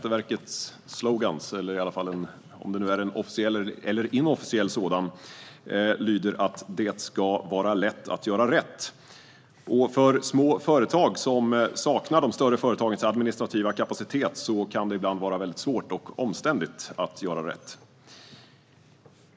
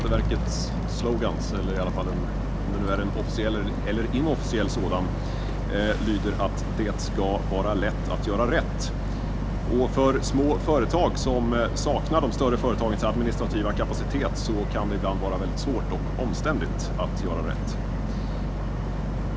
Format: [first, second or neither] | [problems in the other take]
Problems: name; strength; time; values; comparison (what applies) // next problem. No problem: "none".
first | background sound (Boat, Water vehicle); 1 dB above the speech